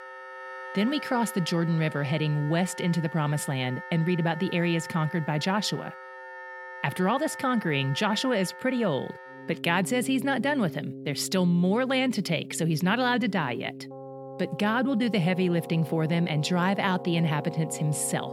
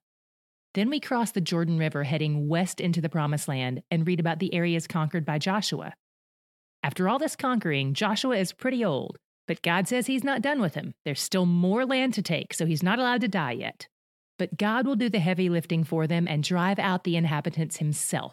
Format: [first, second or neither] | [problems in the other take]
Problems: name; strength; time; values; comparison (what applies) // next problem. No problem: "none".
second | background music; noticeable; throughout; 15 dB below the speech